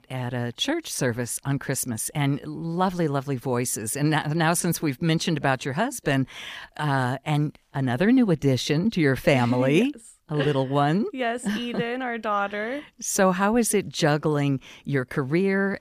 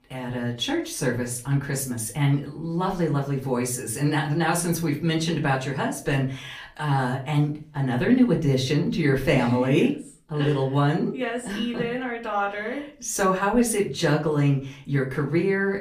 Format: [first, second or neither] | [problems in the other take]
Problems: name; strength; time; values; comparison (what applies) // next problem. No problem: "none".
first | off-mic speech; far // room echo; very slight; dies away in 0.3 s